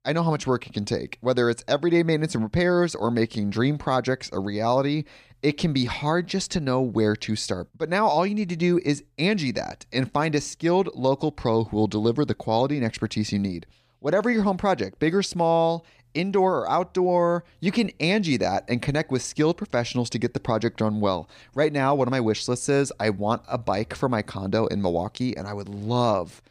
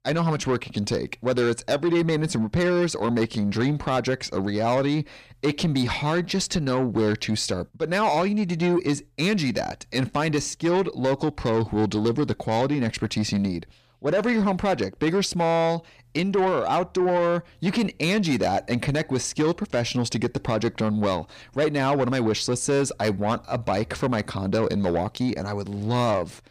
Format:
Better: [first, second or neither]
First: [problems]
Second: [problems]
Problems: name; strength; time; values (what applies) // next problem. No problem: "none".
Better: first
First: none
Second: distortion; slight; 10 dB below the speech